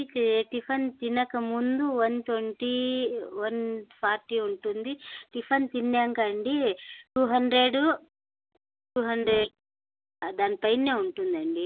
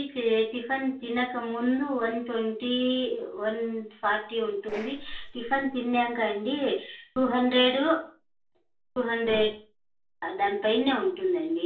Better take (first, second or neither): first